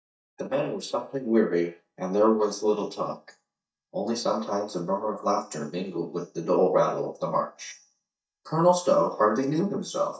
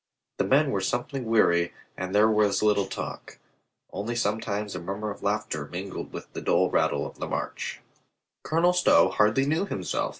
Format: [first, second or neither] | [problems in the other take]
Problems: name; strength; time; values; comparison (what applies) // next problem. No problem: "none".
second | noise reduction (neural mask model DeepFilterNet 3)